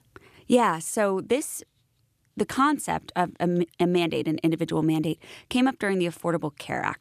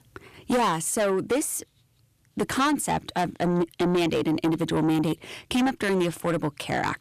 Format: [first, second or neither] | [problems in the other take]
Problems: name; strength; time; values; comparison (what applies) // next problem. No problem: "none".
first | distortion; heavy; 7 dB below the speech